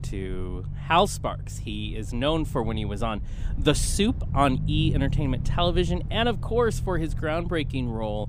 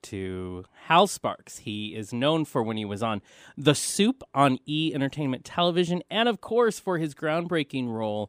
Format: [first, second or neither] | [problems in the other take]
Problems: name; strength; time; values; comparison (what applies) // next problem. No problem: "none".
second | low rumble; noticeable; throughout; 15 dB below the speech